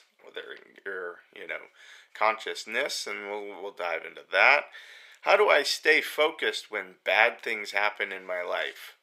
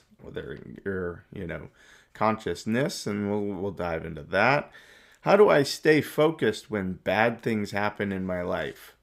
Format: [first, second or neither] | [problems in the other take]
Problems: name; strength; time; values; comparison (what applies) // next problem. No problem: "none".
second | thin; very; fading below 500 Hz